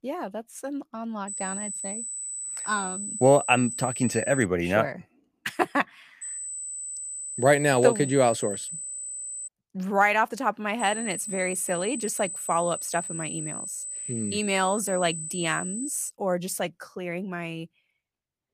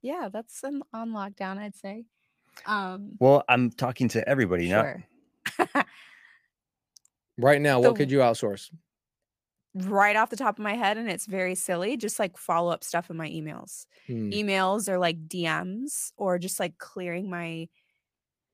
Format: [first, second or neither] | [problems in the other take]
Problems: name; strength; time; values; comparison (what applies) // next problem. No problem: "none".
second | high-pitched whine; loud; from 1.5 to 4.5 s, from 6 to 9.5 s and from 11 to 16 s; 8 kHz, 6 dB below the speech